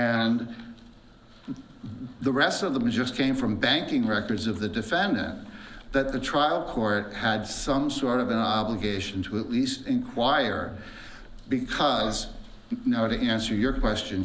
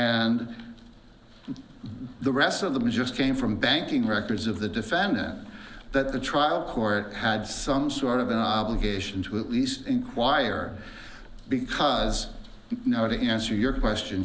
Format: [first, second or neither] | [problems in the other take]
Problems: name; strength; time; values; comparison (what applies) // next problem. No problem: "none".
second | noise reduction (neural mask model Resemble Enhance denoiser)